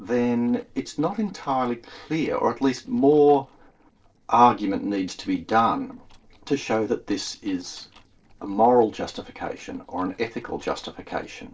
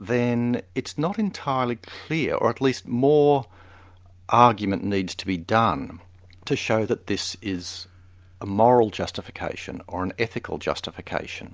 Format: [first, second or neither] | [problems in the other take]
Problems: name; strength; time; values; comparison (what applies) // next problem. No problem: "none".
second | noise reduction (neural separator model SepFormer DNS4)